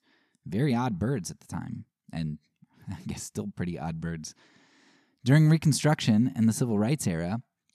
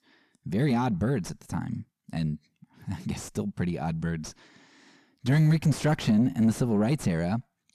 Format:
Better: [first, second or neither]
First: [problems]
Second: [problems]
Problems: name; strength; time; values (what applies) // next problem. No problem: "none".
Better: first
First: none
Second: distortion; slight; 9 dB below the speech